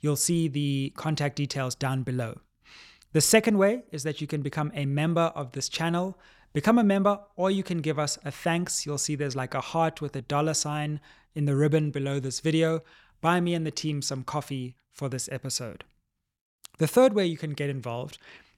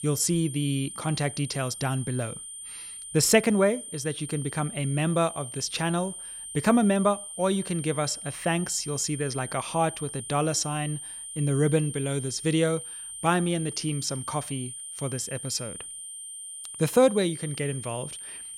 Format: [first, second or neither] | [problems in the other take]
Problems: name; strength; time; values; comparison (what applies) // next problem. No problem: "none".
first | high-pitched whine; loud; throughout; 9 kHz, 9 dB below the speech